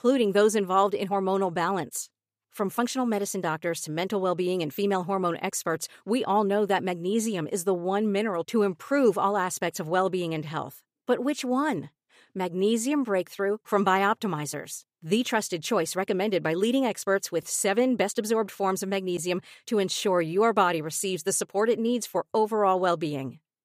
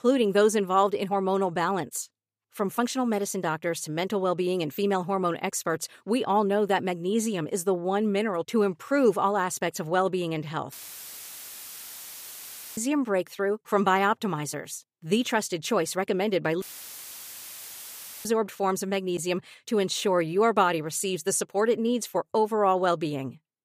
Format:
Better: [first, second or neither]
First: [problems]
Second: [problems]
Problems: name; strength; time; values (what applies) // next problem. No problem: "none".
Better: first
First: none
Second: audio cutting out; filled with static; at 11 s for 2 s and at 17 s for 1.5 s